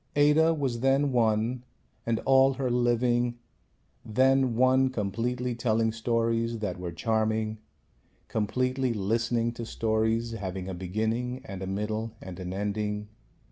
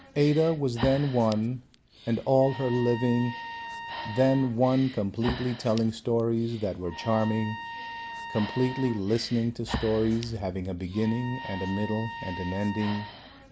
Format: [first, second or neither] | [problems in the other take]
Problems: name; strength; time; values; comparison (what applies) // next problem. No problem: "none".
first | background sound (Breathing + Trumpet); 12 dB below the speech